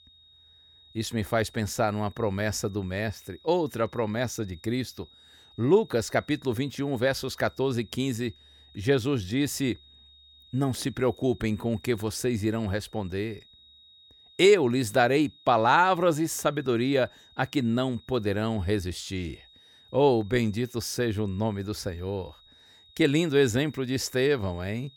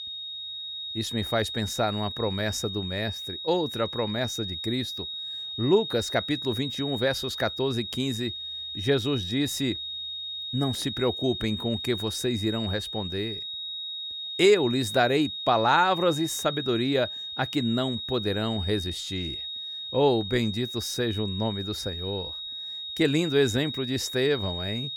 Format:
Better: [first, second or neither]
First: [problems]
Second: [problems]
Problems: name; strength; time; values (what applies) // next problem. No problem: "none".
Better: first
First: high-pitched whine; faint; throughout; 3.5 kHz, 25 dB below the speech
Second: high-pitched whine; loud; throughout; 3.5 kHz, 5 dB below the speech